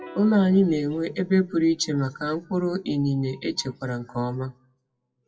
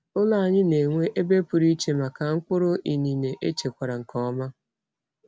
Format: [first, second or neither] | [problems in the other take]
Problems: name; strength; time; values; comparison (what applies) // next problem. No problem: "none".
second | noise reduction (classical method WPE with log-MMSE)